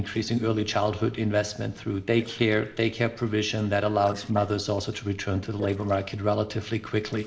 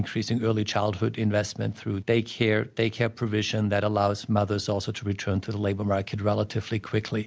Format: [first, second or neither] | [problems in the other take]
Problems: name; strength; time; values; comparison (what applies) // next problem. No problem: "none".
second | noise reduction (neural separator model SepFormer DNS4)